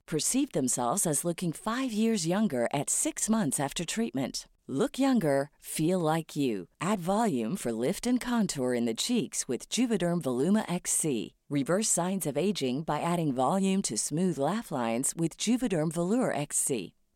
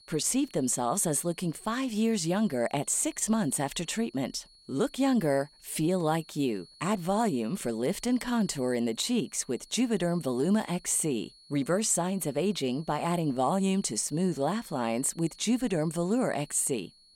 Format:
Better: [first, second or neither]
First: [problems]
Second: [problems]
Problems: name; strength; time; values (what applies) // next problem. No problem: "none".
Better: first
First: none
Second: high-pitched whine; faint; throughout; 4.5 kHz, 25 dB below the speech